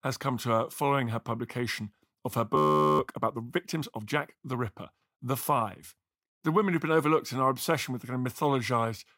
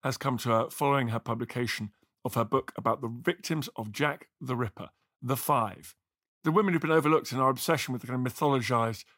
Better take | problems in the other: second | audio freezing; at 2.5 s

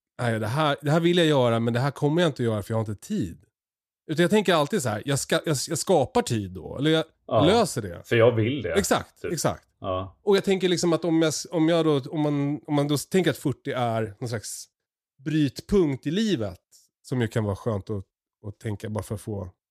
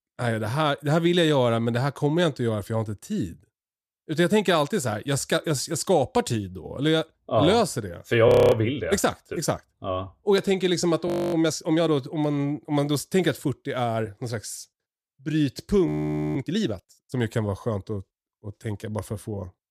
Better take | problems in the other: first | audio freezing; at 8.5 s, at 11 s and at 16 s

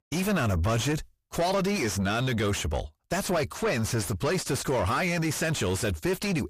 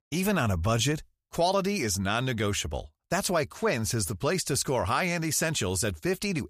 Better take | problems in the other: second | distortion; heavy; 7 dB below the speech

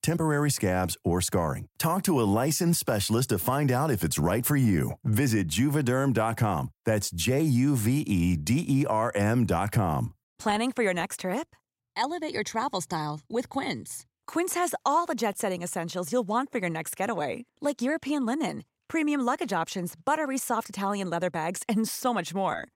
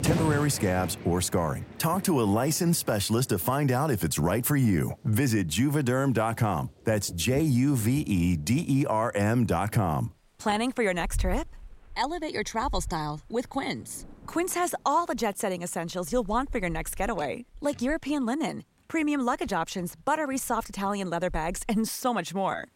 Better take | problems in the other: first | rain or running water; noticeable; throughout; 15 dB below the speech

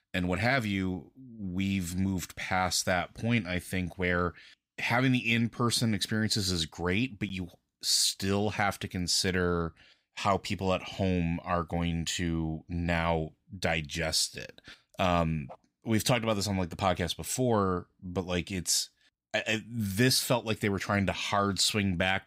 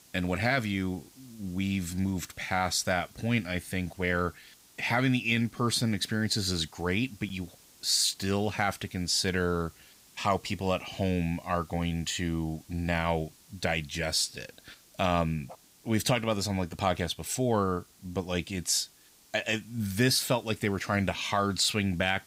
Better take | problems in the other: first | hiss; faint; throughout; 25 dB below the speech

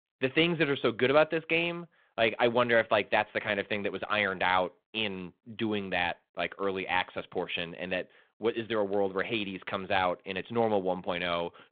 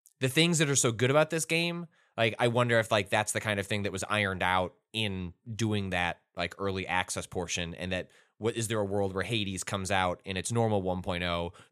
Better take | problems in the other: second | phone-call audio; nothing above 3.5 kHz

